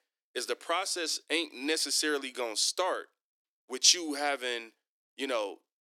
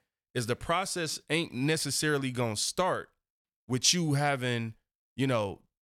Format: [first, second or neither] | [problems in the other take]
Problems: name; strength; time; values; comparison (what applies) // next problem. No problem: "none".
second | thin; somewhat; fading below 300 Hz